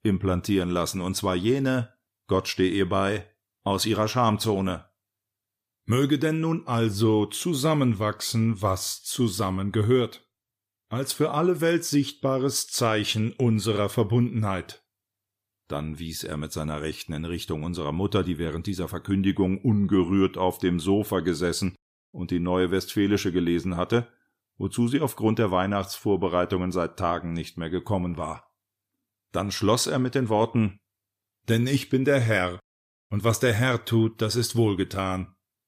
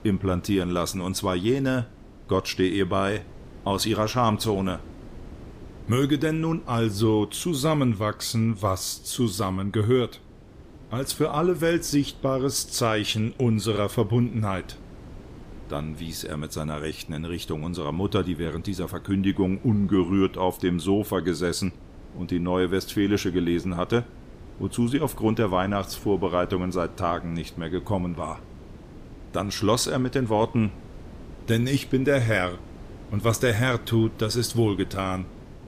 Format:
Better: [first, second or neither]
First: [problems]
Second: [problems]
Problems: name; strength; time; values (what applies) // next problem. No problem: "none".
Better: first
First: none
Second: wind noise on the microphone; occasional gusts; 25 dB below the speech